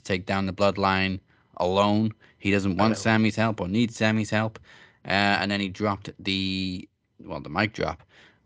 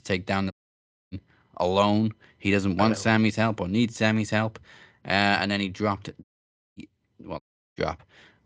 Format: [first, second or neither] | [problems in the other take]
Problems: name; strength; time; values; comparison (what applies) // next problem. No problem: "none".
first | audio cutting out; at 0.5 s for 0.5 s, at 6 s for 0.5 s and at 7.5 s